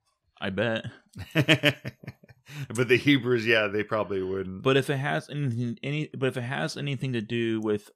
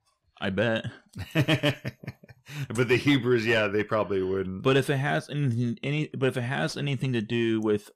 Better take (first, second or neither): first